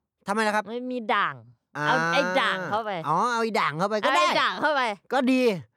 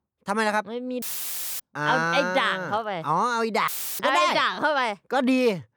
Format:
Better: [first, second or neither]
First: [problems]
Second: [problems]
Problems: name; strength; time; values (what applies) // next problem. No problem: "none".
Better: first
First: none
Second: audio cutting out; filled with static; at 1 s for 0.5 s and at 3.5 s